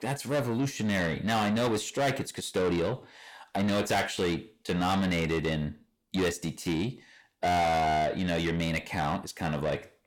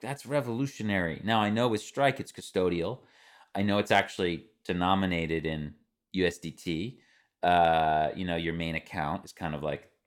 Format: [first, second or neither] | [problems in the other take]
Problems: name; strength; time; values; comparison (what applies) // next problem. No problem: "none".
second | distortion; heavy; 6 dB below the speech